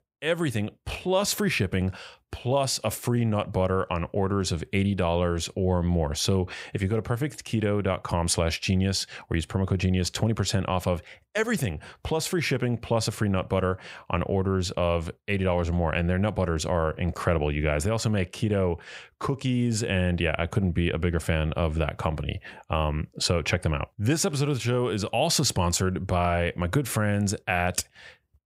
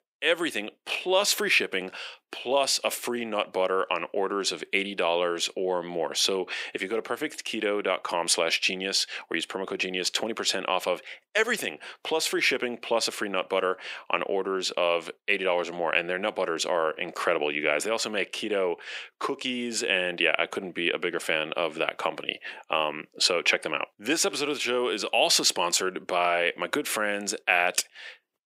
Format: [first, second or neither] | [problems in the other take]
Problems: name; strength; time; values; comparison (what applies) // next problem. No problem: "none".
first | thin; very; fading below 300 Hz